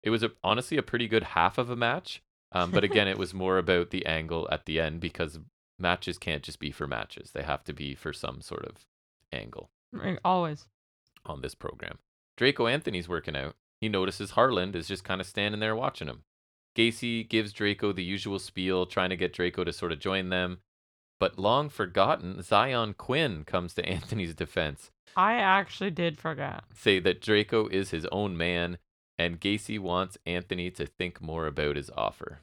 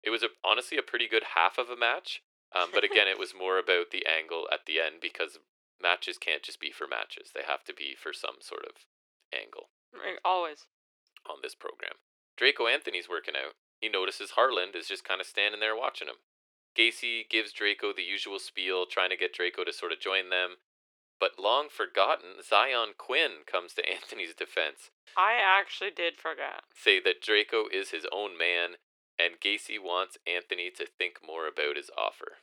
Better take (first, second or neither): first